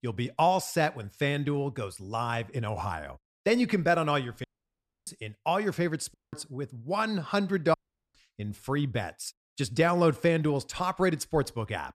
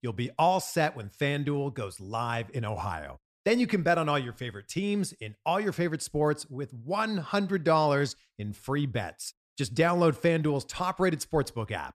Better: second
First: audio cutting out; at 4.5 s for 0.5 s, at 6 s and at 7.5 s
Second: none

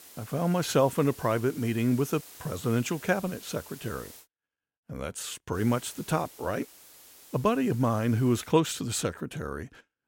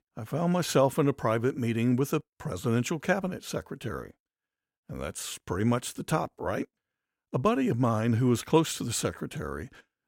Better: second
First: hiss; noticeable; until 4 s and from 5.5 to 8.5 s; 20 dB below the speech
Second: none

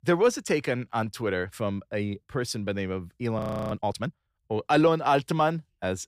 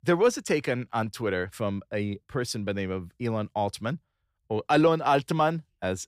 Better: second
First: audio freezing; at 3.5 s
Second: none

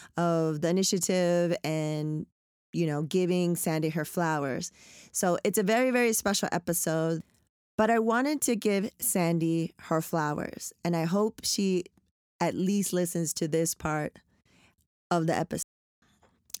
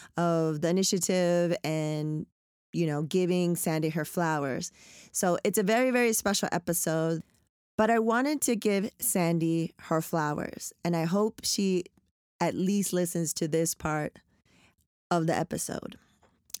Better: second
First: audio cutting out; at 16 s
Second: none

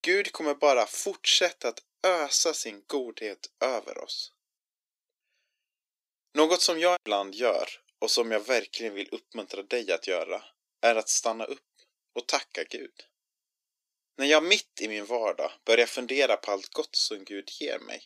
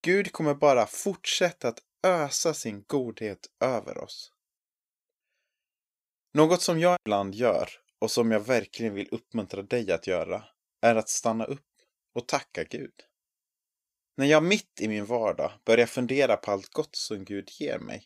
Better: second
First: thin; somewhat; fading below 300 Hz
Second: none

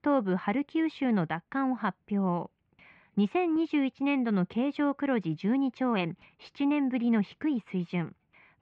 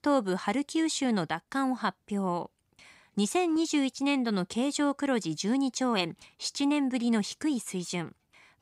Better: second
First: muffled; very; fading above 2.5 kHz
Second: none

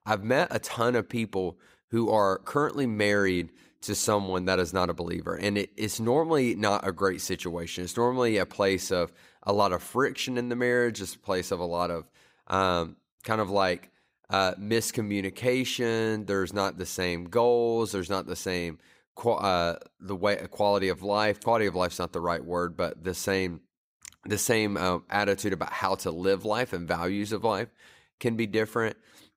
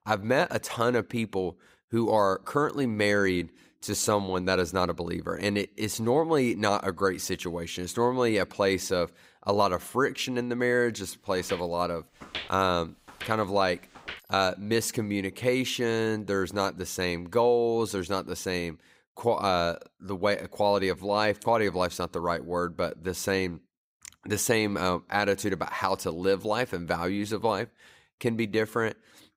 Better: first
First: none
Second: footsteps; noticeable; from 11 to 14 s; peak 9 dB below the speech

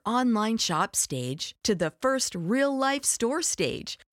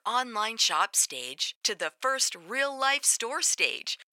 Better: first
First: none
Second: thin; very; fading below 800 Hz

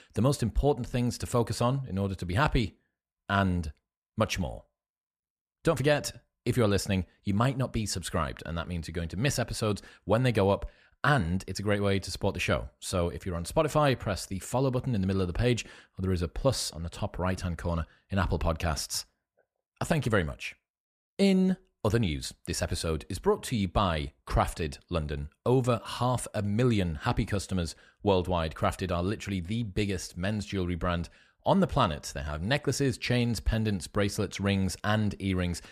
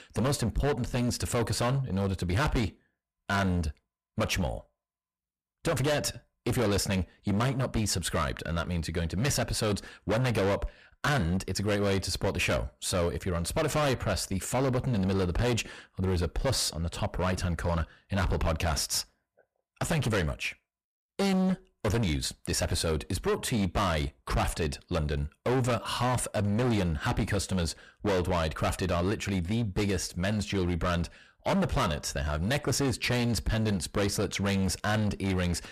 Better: first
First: none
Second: distortion; heavy; 19% of the sound clipped

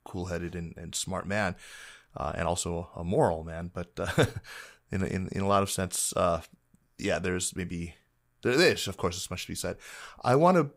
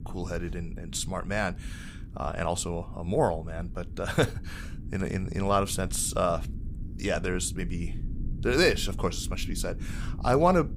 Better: first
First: none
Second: low rumble; faint; throughout; 20 dB below the speech

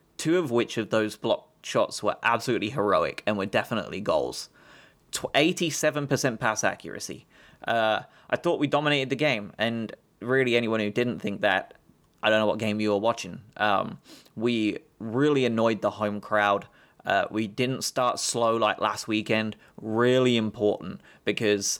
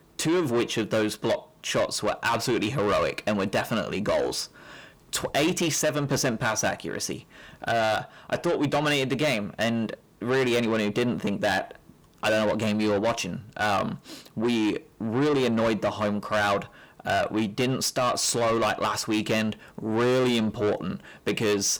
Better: first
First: none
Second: distortion; heavy; 8 dB below the speech

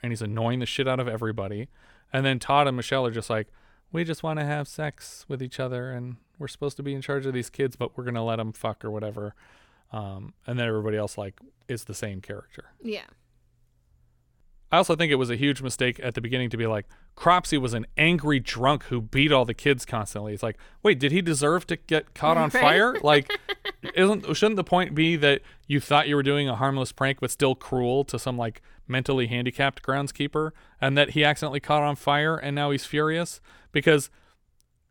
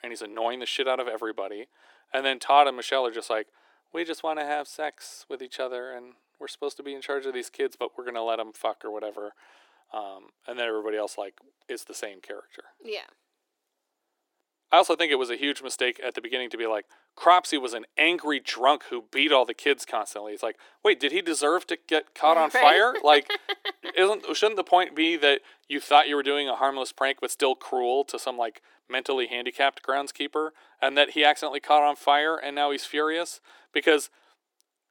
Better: first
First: none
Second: thin; very; fading below 300 Hz

